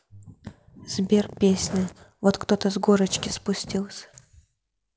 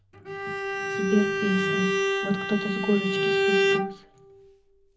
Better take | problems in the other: first | background sound (Bowed string instrument); 2 dB above the speech // room echo; dies away in 0.4 s

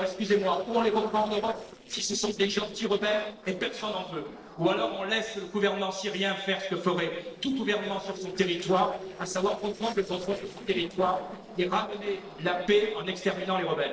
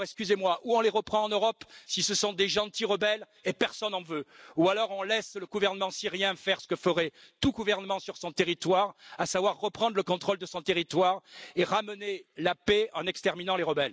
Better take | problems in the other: second | noise reduction (neural separator model SepFormer DNS4)

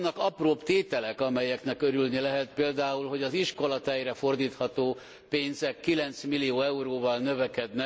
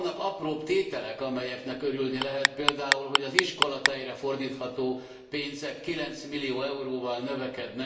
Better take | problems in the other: first | background sound (Clock); 4 dB above the speech // room echo; dies away in 0.8 s

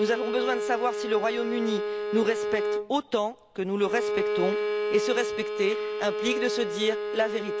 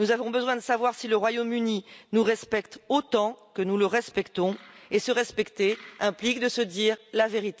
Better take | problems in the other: second | background sound (Bowed string instrument); 1 dB below the speech

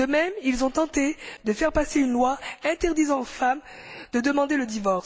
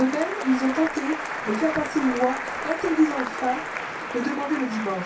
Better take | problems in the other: first | background sound (Applause); 6 dB below the speech // room echo; dies away in 0.3 s

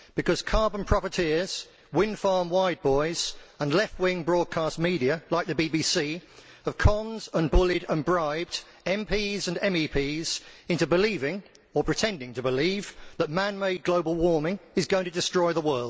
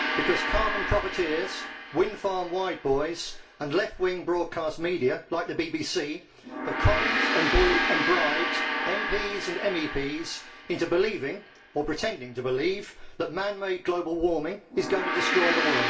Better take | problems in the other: first | background sound (Gong); 3 dB below the speech // room echo; dies away in 0.3 s

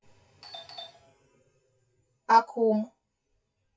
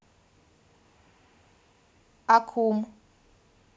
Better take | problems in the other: second | noise reduction (classical method WPE with log-MMSE)

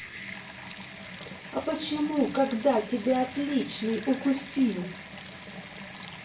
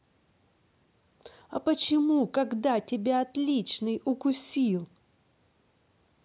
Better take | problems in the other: second | background sound (Bathtub (filling or washing) / Water tap, faucet); 12 dB below the speech // room echo; dies away in 0.3 s

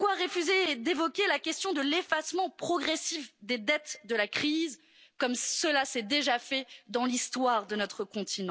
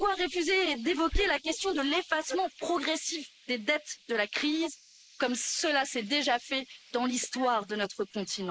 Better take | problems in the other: first | noise reduction (neural mask model Resemble Enhance denoiser)

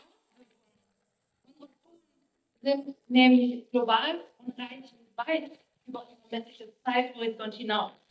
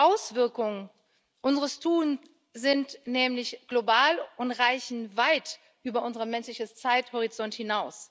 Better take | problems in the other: second | noise reduction (neural mask model DeepFilterNet 3)

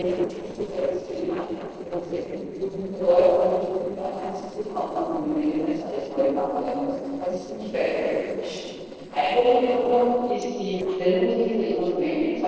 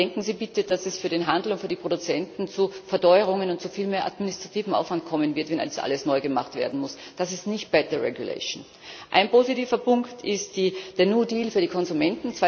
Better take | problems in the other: second | noise reduction (neural separator model SepFormer DNS4)

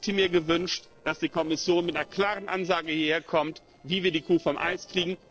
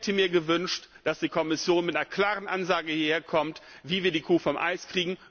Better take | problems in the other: second | noise reduction (neural separator model SepFormer DNS4)

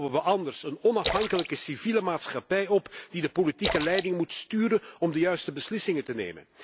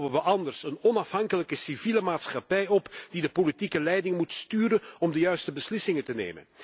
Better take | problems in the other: second | background sound (Splash, splatter); 9 dB below the speech

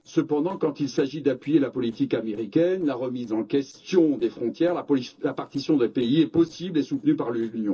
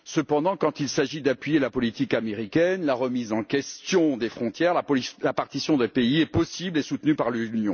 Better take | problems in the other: second | noise reduction (neural separator model SepFormer DNS4)

